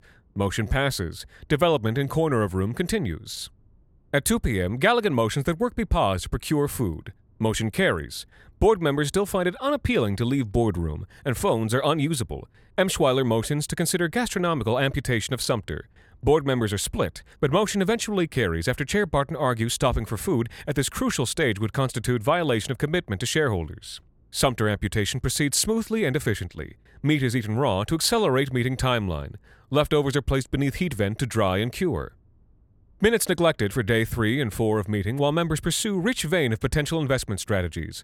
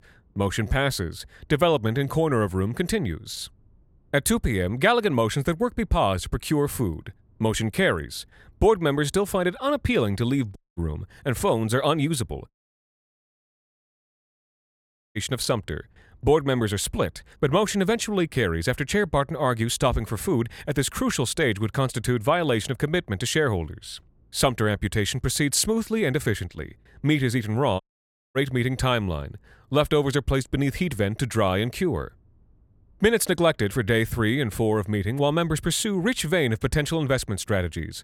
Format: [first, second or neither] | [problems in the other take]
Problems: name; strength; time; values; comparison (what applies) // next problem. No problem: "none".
first | audio cutting out; at 11 s, at 13 s for 2.5 s and at 28 s for 0.5 s